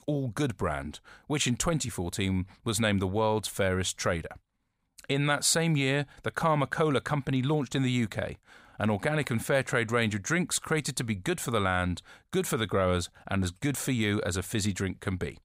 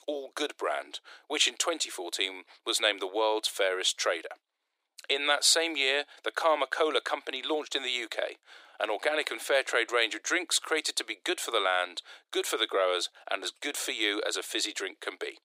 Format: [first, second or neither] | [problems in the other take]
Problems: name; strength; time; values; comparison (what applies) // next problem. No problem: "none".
first | thin; very; fading below 300 Hz